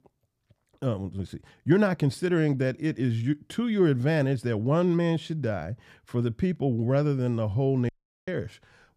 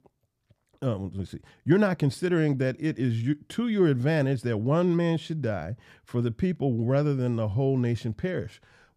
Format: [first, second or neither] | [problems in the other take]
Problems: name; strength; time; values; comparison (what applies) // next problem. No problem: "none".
second | audio cutting out; at 8 s